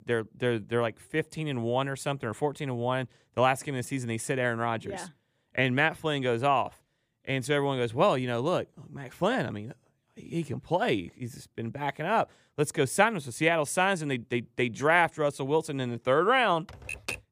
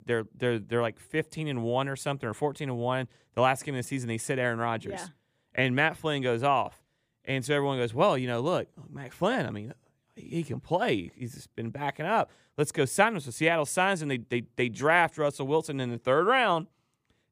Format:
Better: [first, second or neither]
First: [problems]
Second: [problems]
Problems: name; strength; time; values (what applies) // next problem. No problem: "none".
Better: second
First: keyboard typing; noticeable; at 17 s; peak 7 dB below the speech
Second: none